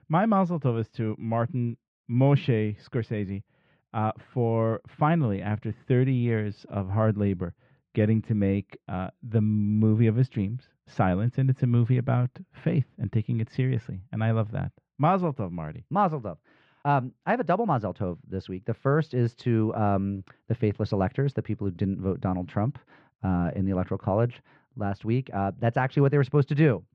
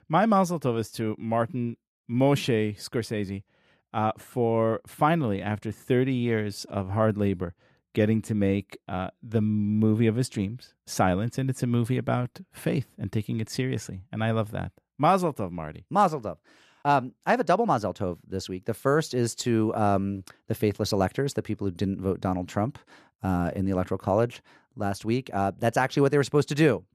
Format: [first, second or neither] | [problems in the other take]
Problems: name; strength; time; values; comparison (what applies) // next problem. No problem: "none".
second | muffled; slightly; fading above 3 kHz